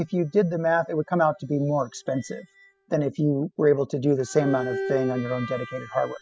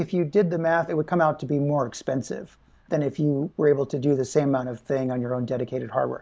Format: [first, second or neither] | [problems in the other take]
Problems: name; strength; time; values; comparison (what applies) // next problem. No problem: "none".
second | noise reduction (classical method spectral subtraction)